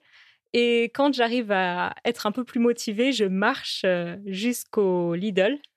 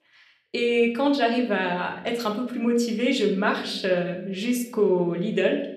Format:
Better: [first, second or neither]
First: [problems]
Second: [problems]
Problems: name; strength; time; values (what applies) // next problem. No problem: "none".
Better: first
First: none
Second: room echo; slight; dies away in 0.6 s // off-mic speech; somewhat distant